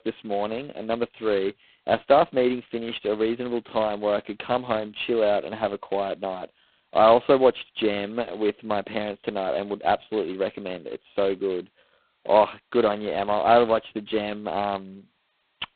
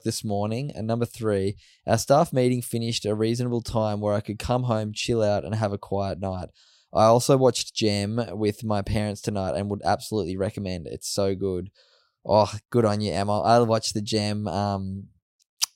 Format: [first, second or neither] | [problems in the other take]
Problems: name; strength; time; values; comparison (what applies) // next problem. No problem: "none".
second | phone-call audio; poor line; nothing above 4 kHz